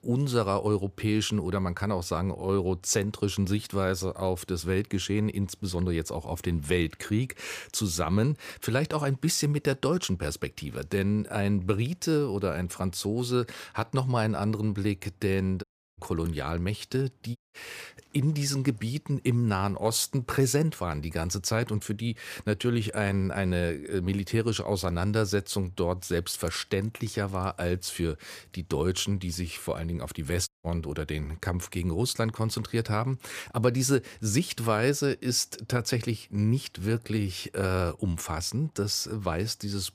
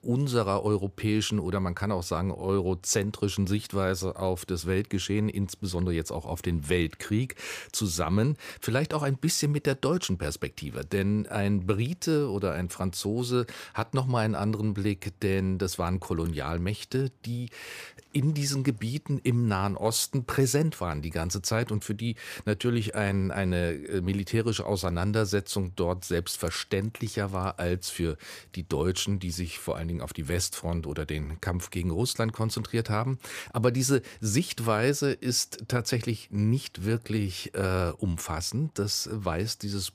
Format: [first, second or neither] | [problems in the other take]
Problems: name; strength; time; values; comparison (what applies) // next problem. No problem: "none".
second | audio cutting out; at 16 s, at 17 s and at 30 s